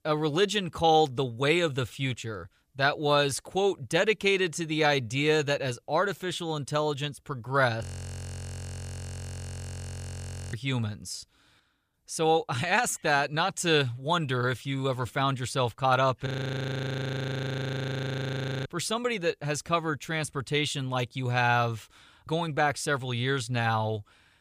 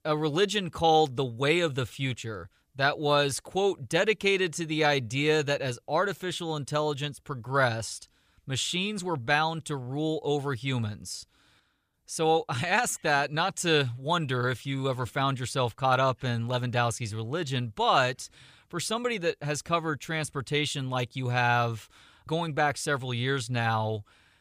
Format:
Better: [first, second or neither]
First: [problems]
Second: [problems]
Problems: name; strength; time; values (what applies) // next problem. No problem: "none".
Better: second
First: audio freezing; at 8 s for 2.5 s and at 16 s for 2.5 s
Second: none